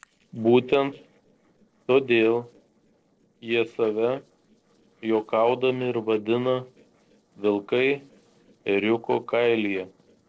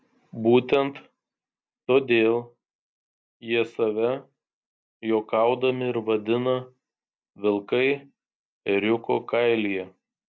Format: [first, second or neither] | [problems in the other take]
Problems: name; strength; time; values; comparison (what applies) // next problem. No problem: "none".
second | noise reduction (neural separator model SepFormer DNS4)